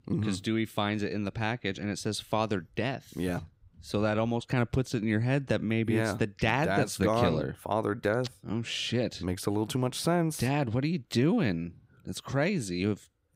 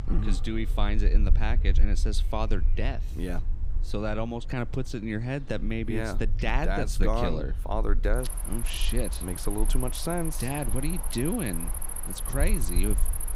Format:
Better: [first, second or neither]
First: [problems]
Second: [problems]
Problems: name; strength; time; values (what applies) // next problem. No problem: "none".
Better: first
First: none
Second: animal sounds; very loud; throughout; 1 dB above the speech